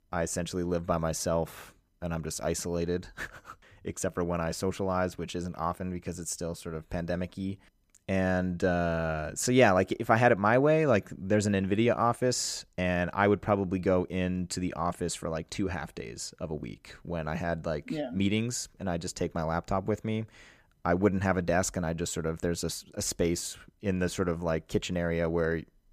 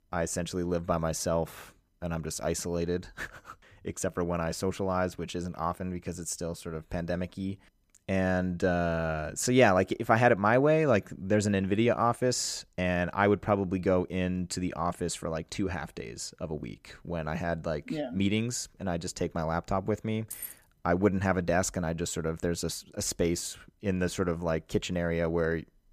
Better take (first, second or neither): first